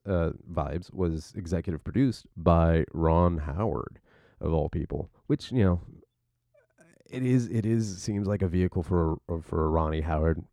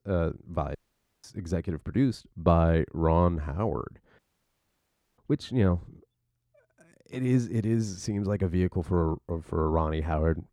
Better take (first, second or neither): first